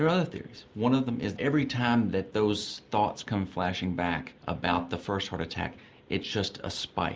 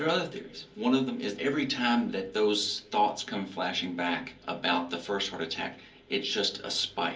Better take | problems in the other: first | room echo; dies away in 0.3 s

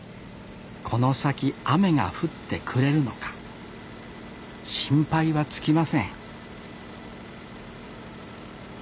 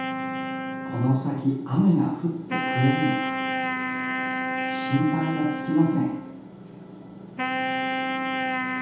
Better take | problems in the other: first | background sound (Wind instrument, woodwind instrument); 3 dB below the speech // room echo; dies away in 0.8 s

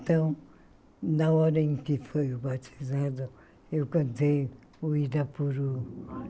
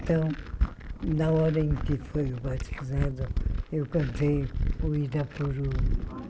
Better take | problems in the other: first | background sound (Glass); 2 dB below the speech

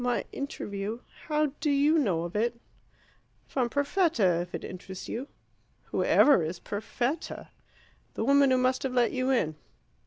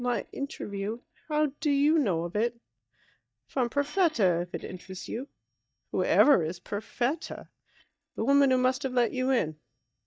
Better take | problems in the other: first | noise reduction (neural mask model DeepFilterNet 3)

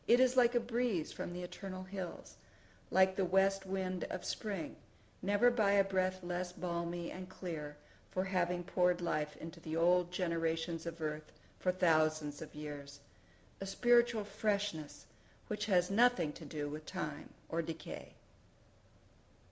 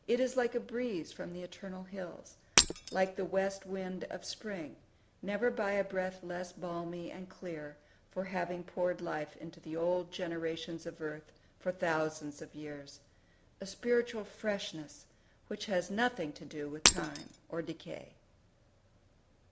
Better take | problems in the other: first | background sound (Shatter); 4 dB above the speech

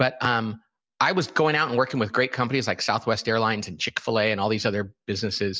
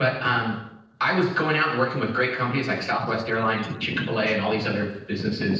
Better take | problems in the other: first | noise reduction (neural separator model SepFormer DNS4)

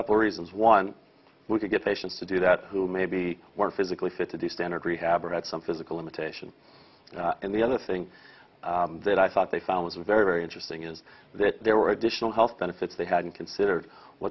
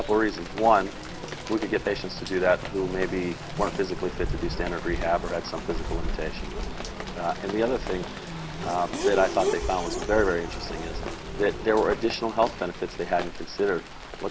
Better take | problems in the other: first | background sound (Rain + Race car, auto racing / Accelerating, revving, vroom); 6 dB below the speech

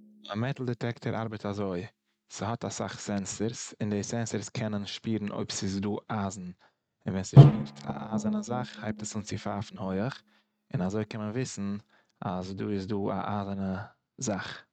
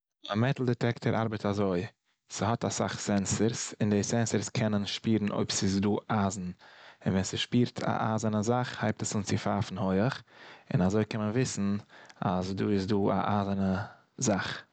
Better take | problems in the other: second | noise reduction (neural mask model RNNoise)

